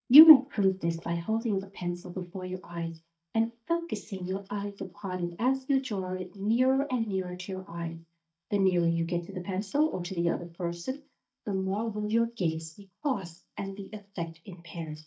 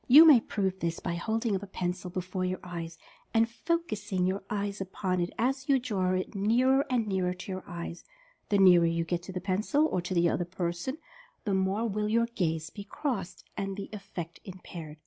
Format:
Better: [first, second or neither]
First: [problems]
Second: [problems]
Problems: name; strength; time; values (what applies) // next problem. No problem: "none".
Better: second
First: noise reduction (neural mask model DeepFilterNet 3)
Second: none